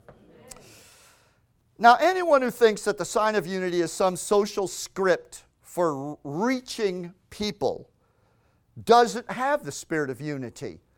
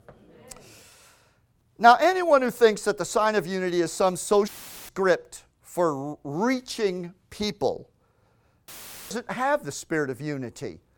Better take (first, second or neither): first